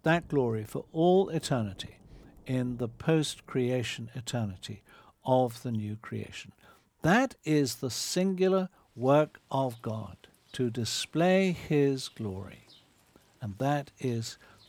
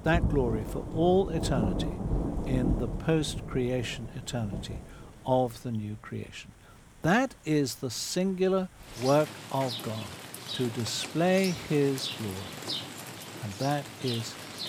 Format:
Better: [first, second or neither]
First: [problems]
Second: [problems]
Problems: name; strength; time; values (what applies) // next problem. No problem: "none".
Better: first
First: rain or running water; faint; throughout; 30 dB below the speech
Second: rain or running water; loud; throughout; 6 dB below the speech